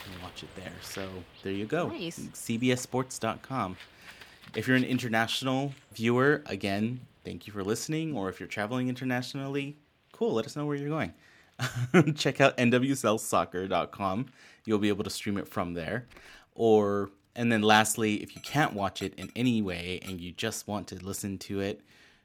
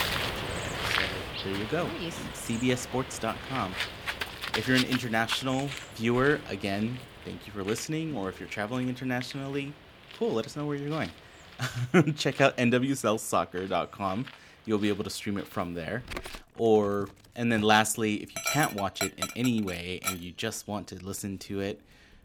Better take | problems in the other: first | animal sounds; loud; throughout; 6 dB below the speech; faint in the first

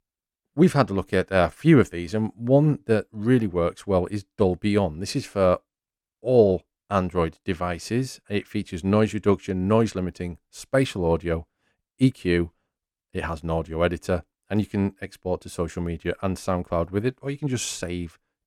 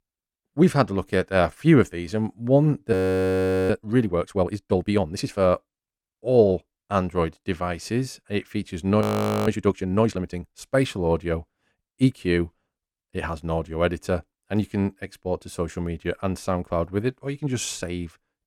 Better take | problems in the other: first | audio freezing; at 3 s for 1 s and at 9 s

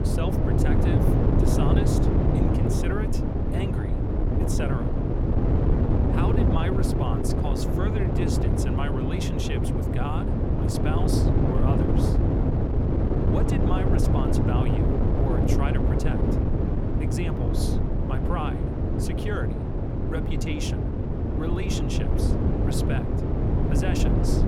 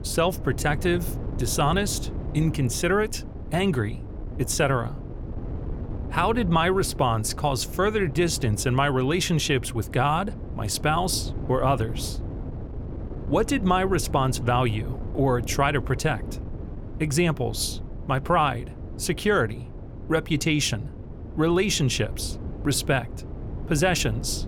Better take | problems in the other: second | wind noise on the microphone; heavy; 4 dB above the speech; occasional gusts in the second

